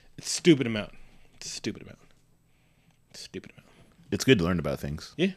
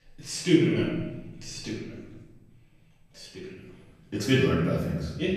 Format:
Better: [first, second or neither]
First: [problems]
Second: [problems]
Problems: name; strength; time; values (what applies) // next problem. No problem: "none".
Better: first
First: none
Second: off-mic speech; far // room echo; noticeable; dies away in 1.3 s